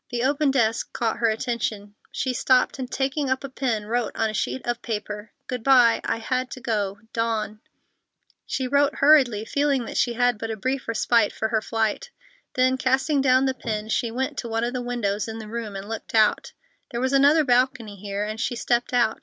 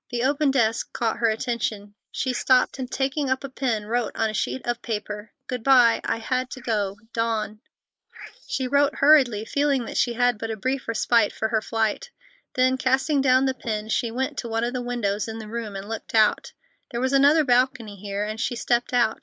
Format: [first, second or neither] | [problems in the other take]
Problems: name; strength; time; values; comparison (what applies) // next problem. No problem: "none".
first | noise reduction (neural mask model Resemble Enhance denoiser)